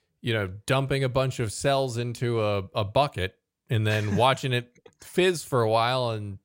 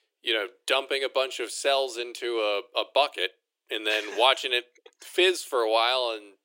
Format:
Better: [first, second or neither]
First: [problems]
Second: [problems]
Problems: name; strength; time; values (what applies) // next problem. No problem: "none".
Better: first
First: none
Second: thin; very; fading below 350 Hz